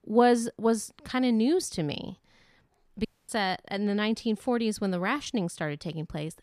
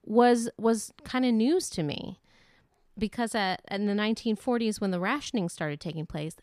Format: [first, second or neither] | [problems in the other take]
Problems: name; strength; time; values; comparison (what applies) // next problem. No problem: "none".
second | audio cutting out; at 3 s